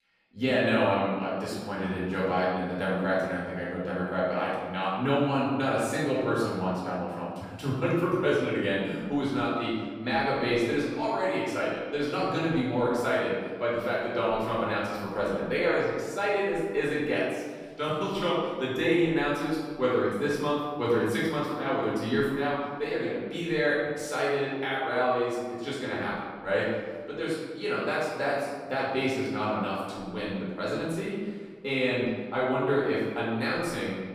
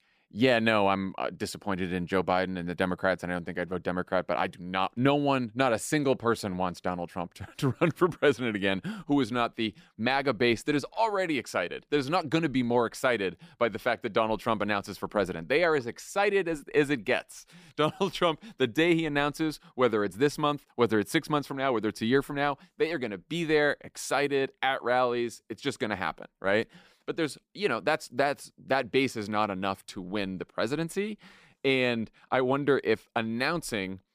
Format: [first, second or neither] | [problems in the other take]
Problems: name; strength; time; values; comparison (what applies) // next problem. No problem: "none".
second | room echo; noticeable; dies away in 1.3 s // off-mic speech; far